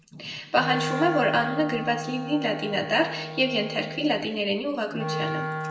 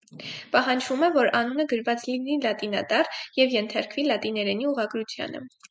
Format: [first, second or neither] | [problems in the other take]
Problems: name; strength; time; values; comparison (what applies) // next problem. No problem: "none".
second | background sound (Wind instrument, woodwind instrument); 7 dB below the speech // room echo; dies away in 1 s